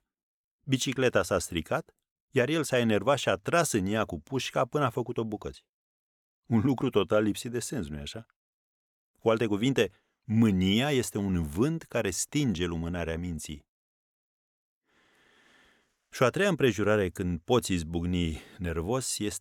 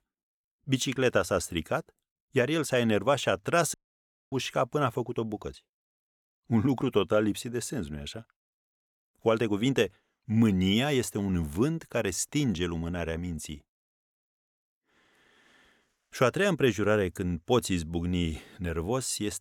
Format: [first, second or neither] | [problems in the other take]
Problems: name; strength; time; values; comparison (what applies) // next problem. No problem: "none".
first | audio cutting out; at 3.5 s for 0.5 s